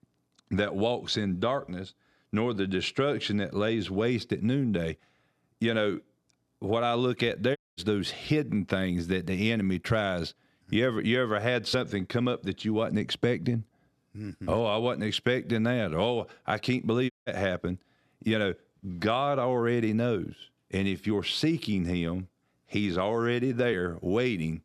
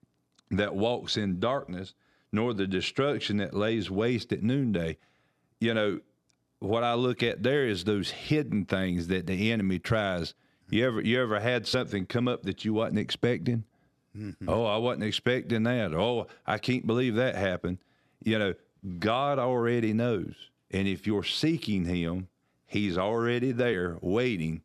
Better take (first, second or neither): second